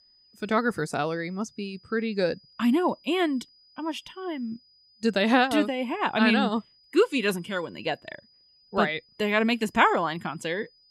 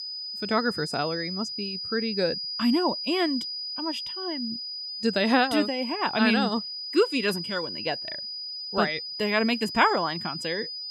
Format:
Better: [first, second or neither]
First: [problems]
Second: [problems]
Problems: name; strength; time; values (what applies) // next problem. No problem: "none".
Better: first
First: high-pitched whine; faint; throughout; 5 kHz, 30 dB below the speech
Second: high-pitched whine; loud; throughout; 5 kHz, 5 dB below the speech